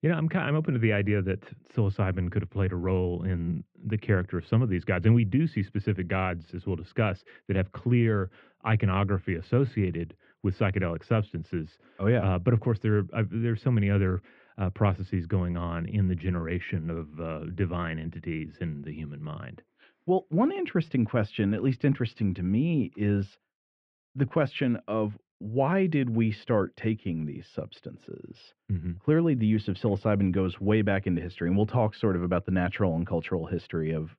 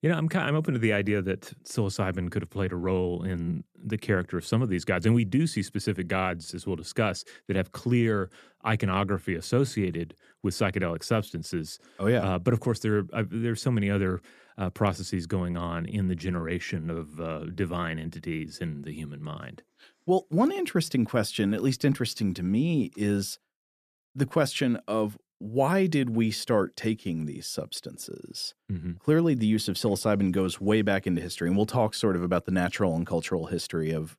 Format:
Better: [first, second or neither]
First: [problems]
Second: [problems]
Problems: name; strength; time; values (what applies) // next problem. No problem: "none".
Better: second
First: muffled; very; fading above 2.5 kHz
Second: none